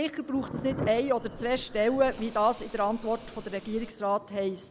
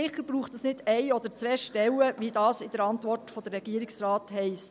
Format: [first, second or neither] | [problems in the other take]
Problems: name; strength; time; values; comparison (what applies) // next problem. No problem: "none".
second | background sound (Thunder + Hiss / Insect); 12 dB below the speech